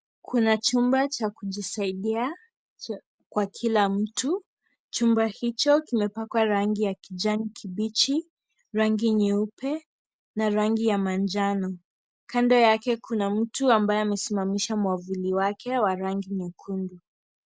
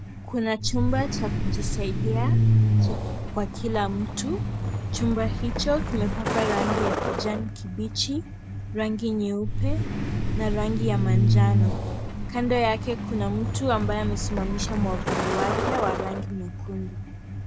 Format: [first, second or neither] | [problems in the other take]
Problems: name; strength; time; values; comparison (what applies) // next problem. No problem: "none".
first | background sound (Truck); 4 dB above the speech